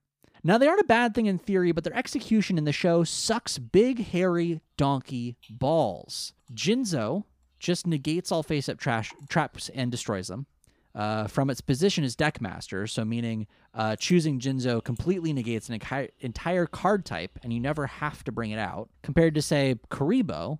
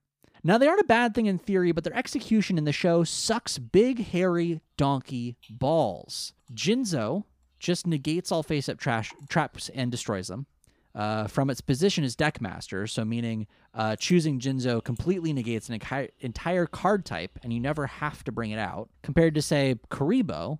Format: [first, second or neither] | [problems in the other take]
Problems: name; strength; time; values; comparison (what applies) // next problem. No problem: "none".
neither | none